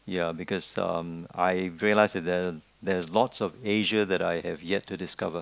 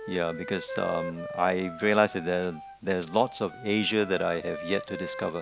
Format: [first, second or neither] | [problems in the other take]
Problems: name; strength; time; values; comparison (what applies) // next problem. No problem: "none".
first | background sound (Wind instrument, woodwind instrument); 11 dB below the speech